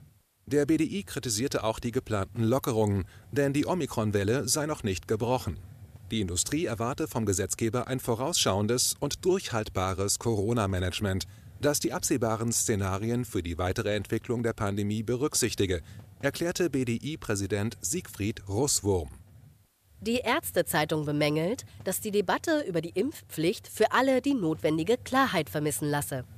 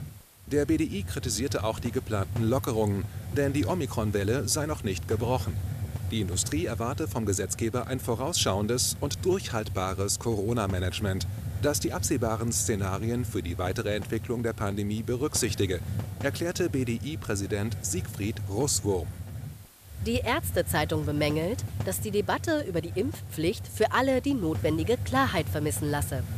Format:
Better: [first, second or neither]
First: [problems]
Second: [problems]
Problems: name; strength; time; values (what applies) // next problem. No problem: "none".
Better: first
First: hiss; faint; throughout; 25 dB below the speech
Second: hiss; loud; throughout; 8 dB below the speech